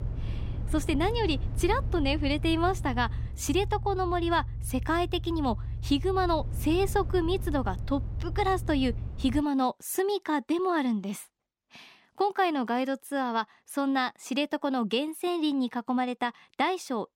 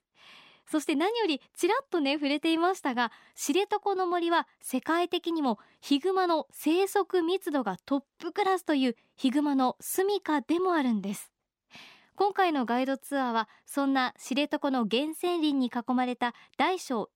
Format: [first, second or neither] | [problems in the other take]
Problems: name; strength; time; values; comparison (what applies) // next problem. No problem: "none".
second | low rumble; noticeable; until 9.5 s; 20 dB below the speech